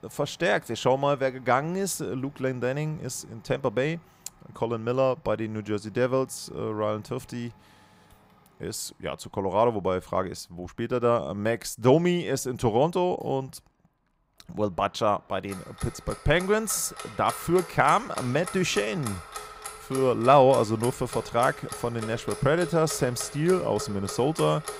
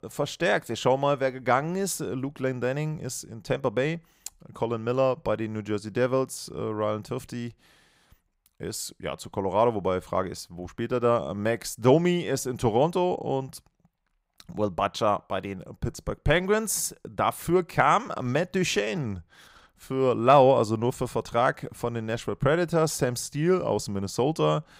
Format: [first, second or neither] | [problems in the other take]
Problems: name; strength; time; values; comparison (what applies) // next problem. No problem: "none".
second | household noises; noticeable; throughout; 15 dB below the speech